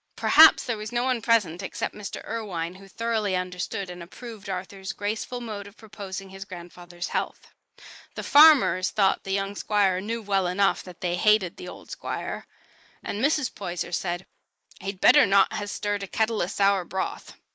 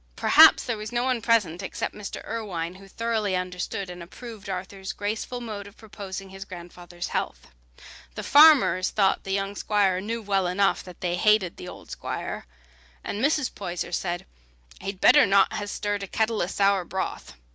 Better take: second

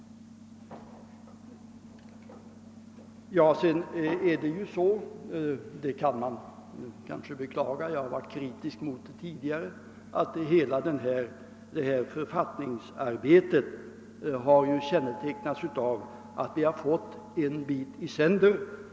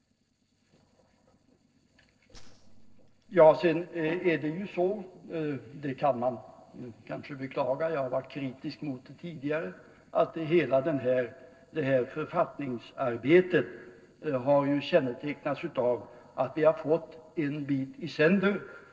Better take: first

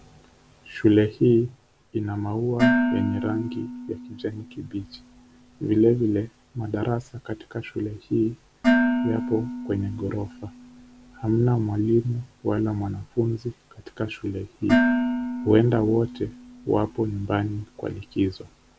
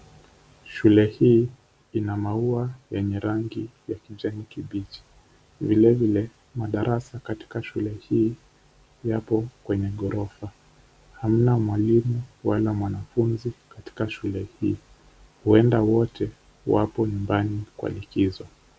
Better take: second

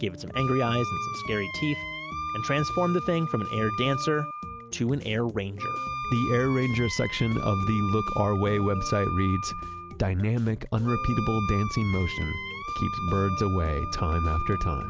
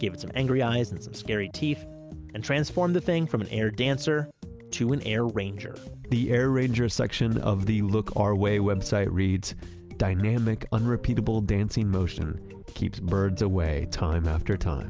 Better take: second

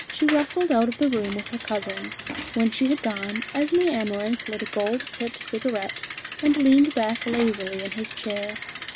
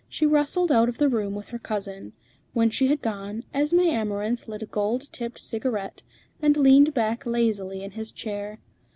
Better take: second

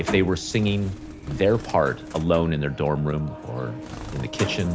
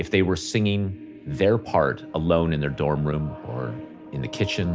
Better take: second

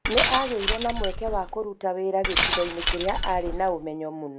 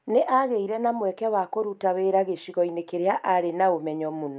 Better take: second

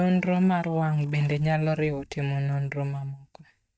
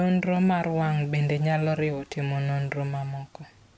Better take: second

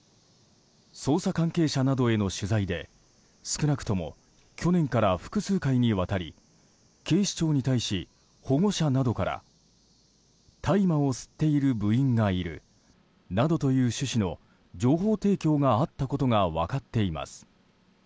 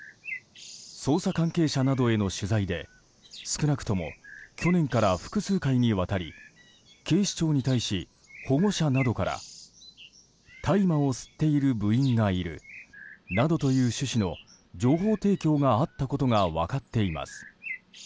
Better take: first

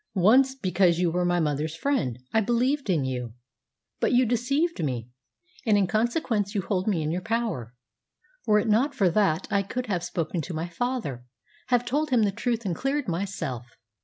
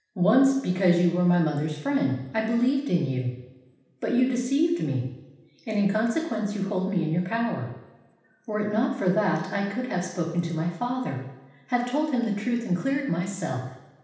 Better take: first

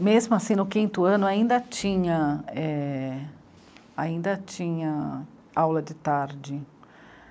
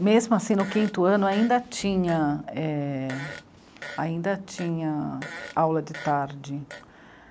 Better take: first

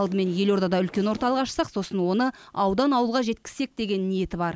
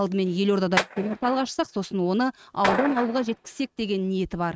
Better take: first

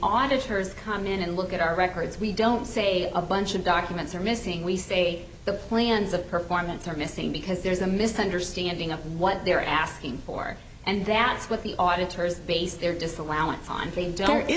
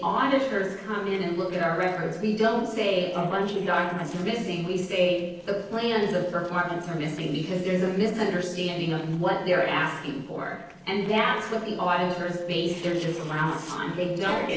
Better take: first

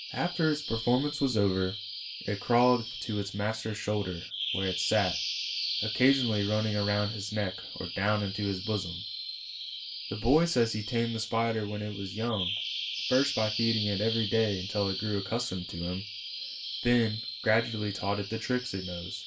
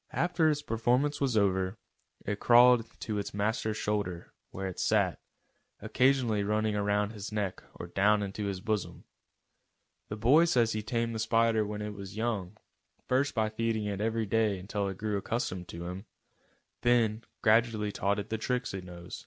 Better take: second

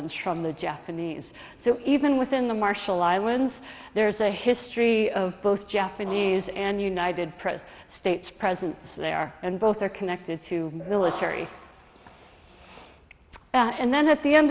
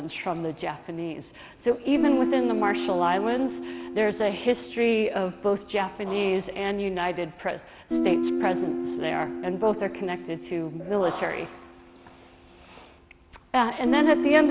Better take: first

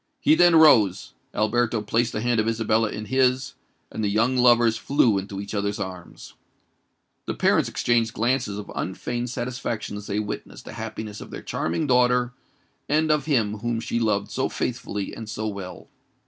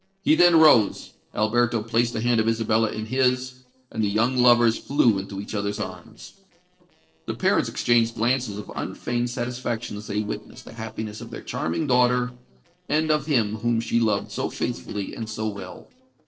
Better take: first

